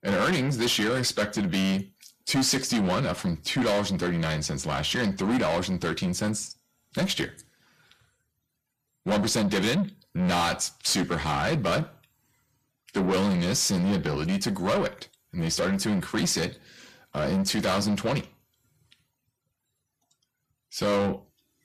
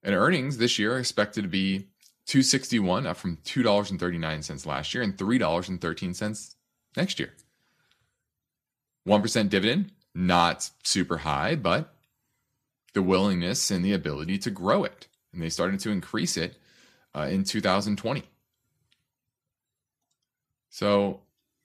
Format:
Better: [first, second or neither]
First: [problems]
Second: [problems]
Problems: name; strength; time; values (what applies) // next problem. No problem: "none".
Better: second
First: distortion; heavy; 6 dB below the speech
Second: none